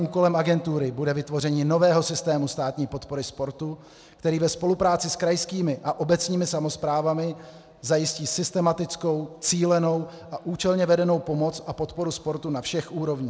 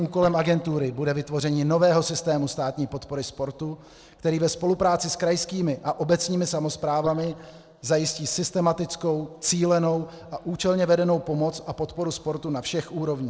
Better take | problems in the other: first | noise reduction (neural mask model Resemble Enhance denoiser)

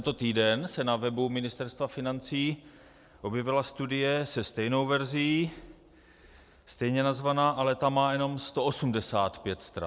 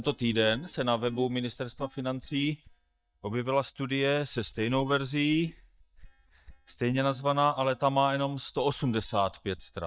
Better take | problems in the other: first | noise reduction (neural mask model DeepFilterNet 3)

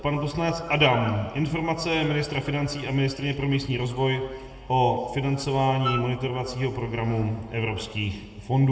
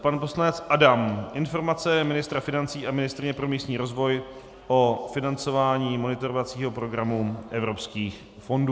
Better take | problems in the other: second | background sound (Wind instrument, woodwind instrument); 9 dB below the speech // room echo; dies away in 1.1 s

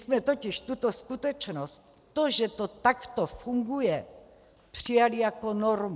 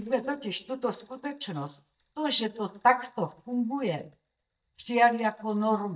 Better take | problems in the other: first | noise reduction (neural mask model DeepFilterNet 3)

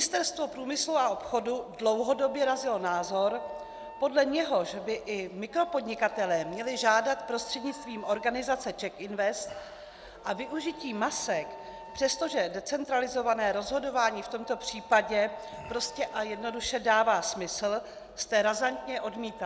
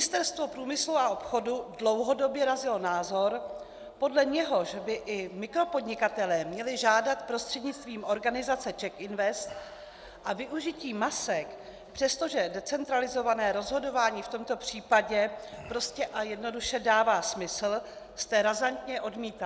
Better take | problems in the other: second | background sound (Wind instrument, woodwind instrument); 20 dB below the speech

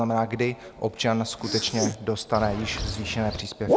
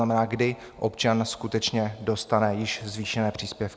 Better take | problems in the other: second | background sound (Zipper (clothing) + Bird); 4 dB below the speech

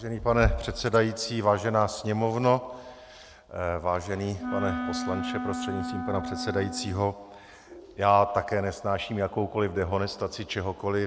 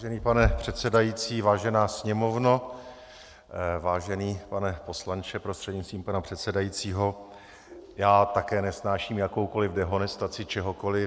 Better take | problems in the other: second | background sound (Wind instrument, woodwind instrument); 6 dB below the speech

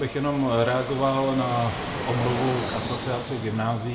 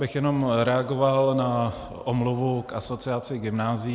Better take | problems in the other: second | background sound (Fixed-wing aircraft, airplane); 7 dB below the speech // room echo; dies away in 0.2 s

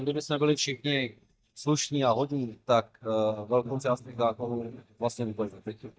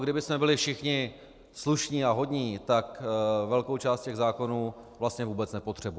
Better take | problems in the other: second | noise reduction (neural mask model DeepFilterNet 3)

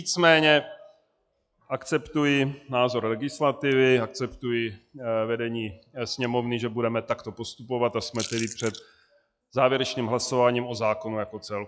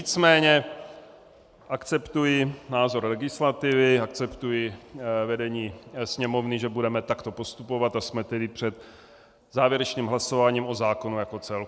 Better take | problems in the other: second | noise reduction (classical method log-MMSE)

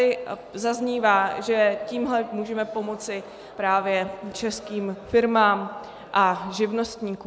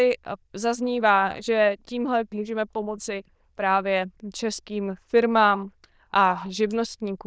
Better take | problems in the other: first | noise reduction (neural diffusion model UNIVERSE++)

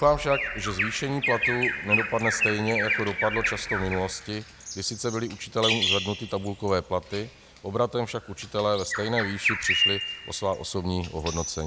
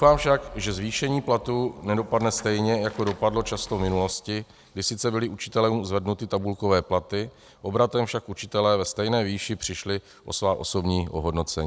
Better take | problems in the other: second | background sound (Bird vocalization, bird call, bird song); 2 dB below the speech

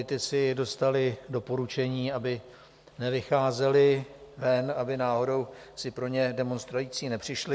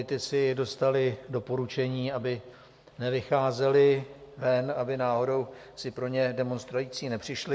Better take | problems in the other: first | room echo; dies away in 0.9 s

